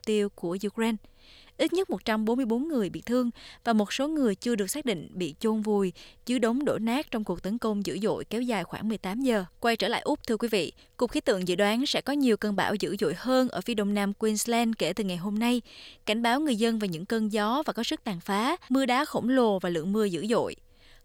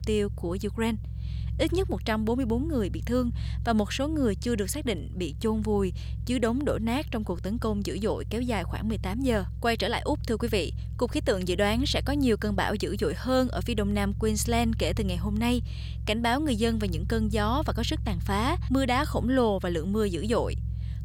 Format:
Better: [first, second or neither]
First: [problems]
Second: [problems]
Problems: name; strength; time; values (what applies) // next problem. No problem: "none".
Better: first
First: none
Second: low rumble; faint; throughout; 20 dB below the speech